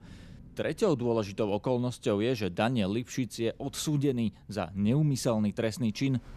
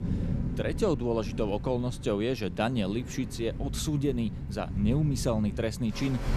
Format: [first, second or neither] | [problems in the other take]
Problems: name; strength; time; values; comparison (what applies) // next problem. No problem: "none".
first | rain or running water; loud; throughout; 7 dB below the speech; faint in the first